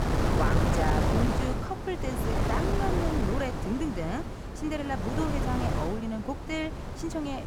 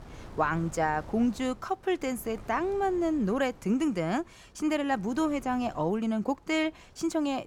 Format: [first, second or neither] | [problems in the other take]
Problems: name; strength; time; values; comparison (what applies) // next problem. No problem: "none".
second | wind noise on the microphone; heavy; as loud as the speech; occasional gusts in the second